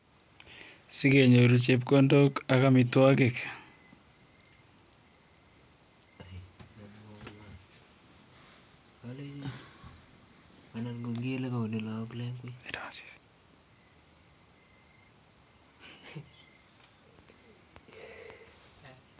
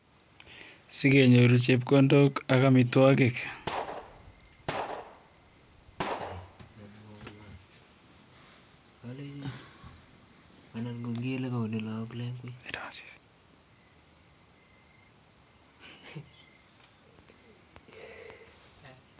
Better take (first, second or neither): first